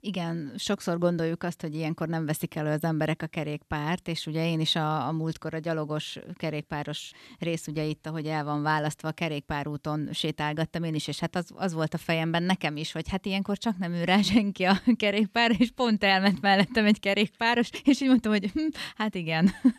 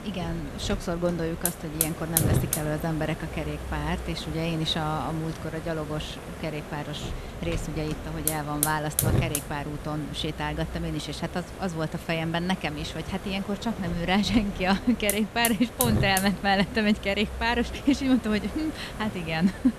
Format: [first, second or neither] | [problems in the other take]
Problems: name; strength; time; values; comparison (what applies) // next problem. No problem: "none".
first | hiss; loud; throughout; 5 dB below the speech